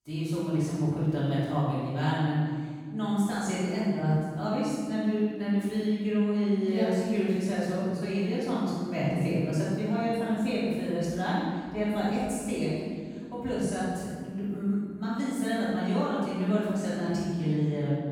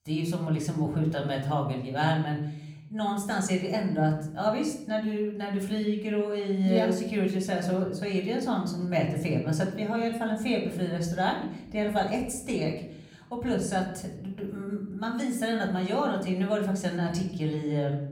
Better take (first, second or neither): second